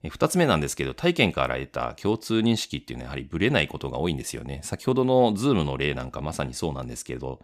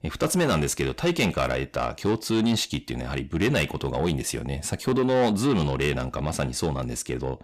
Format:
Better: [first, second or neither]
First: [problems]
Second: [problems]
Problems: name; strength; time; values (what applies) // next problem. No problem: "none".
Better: first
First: none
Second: distortion; heavy; 8 dB below the speech